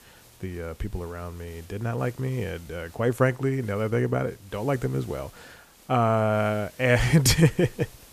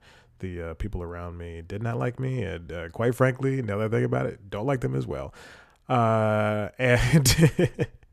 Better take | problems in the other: second | hiss; faint; throughout; 25 dB below the speech

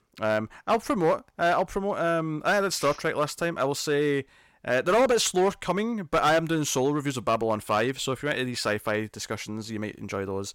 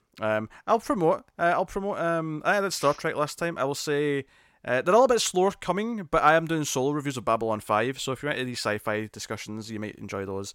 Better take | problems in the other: second | distortion; slight; 5% of the sound clipped

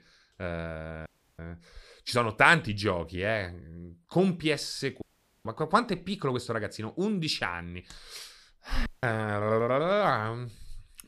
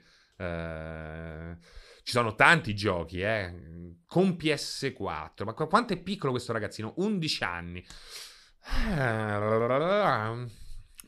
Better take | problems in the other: second | audio cutting out; at 1 s, at 5 s and at 9 s

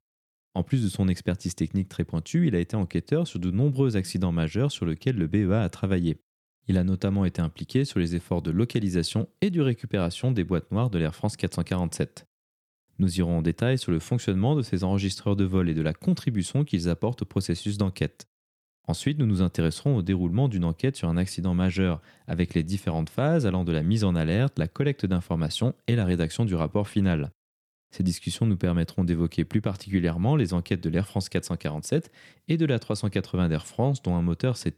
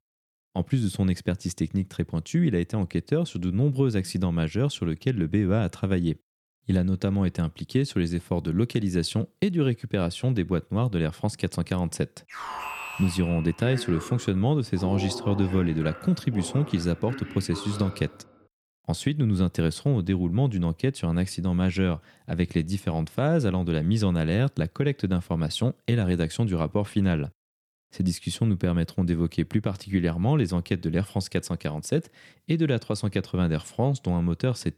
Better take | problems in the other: first | alarm; noticeable; from 12 to 18 s; peak 7 dB below the speech

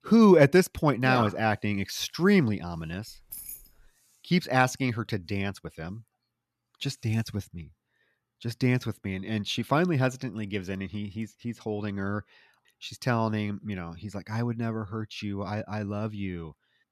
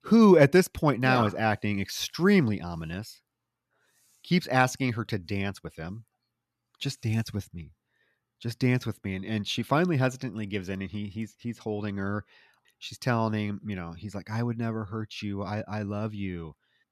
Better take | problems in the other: second | jangling keys; faint; at 3 s; peak 10 dB below the speech

